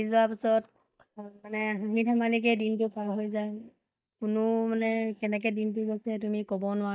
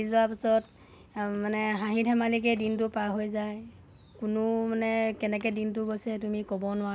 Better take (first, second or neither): second